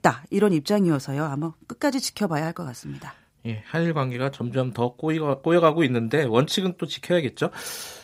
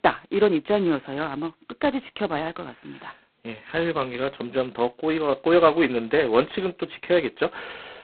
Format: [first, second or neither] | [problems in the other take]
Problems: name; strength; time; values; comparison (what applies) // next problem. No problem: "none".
first | phone-call audio; poor line; nothing above 4 kHz